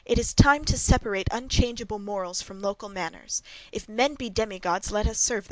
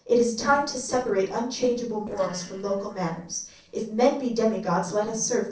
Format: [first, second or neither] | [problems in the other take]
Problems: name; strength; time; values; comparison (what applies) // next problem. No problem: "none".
first | noise reduction (neural separator model SepFormer DNS4)